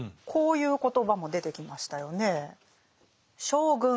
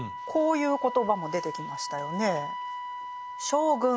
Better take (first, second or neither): first